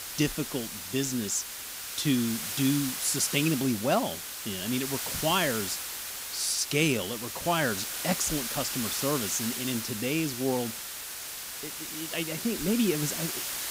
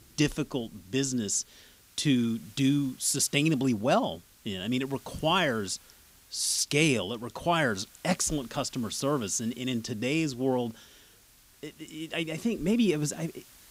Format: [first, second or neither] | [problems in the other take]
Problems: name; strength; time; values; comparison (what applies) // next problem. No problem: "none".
second | hiss; loud; throughout; 4 dB below the speech; faint in the second